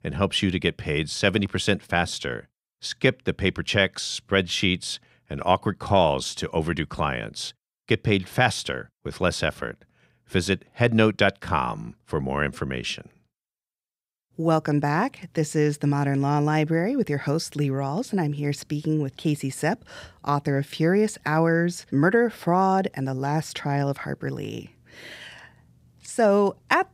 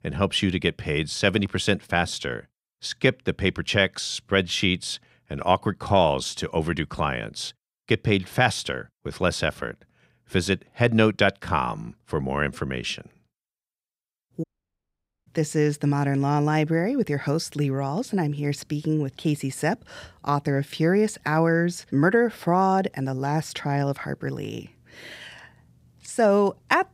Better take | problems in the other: first | audio cutting out; at 14 s for 1 s

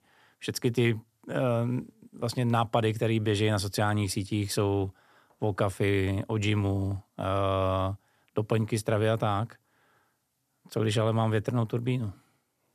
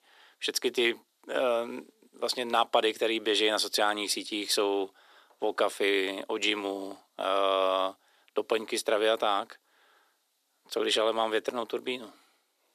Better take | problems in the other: first | thin; very; fading below 350 Hz

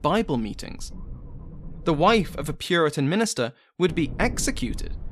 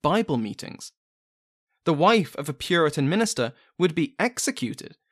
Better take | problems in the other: second | low rumble; faint; until 2.5 s and from 4 s on; 25 dB below the speech

